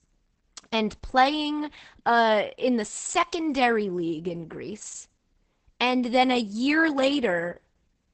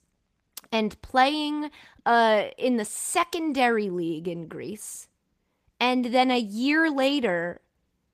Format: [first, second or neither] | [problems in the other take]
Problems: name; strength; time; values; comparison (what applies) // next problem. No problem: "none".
second | garbled, watery; badly; nothing above 8 kHz; slightly in the second